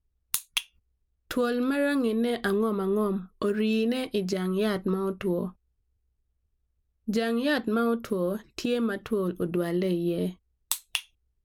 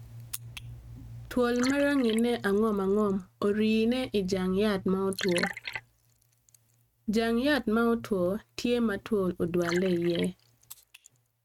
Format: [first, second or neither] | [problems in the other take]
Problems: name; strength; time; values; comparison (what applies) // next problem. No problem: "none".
first | noise reduction (neural mask model RNNoise)